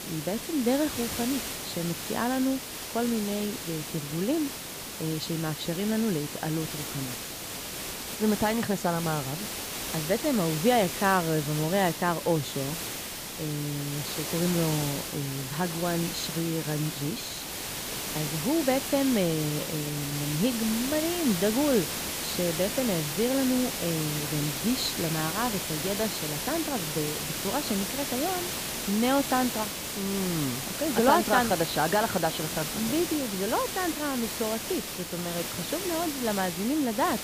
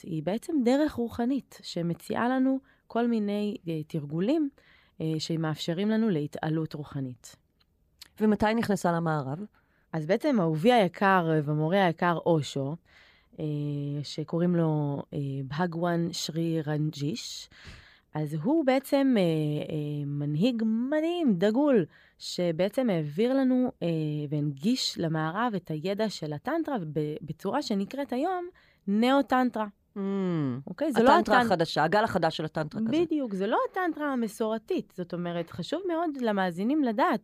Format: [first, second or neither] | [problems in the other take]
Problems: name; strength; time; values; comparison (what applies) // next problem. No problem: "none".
second | hiss; loud; throughout; 3 dB below the speech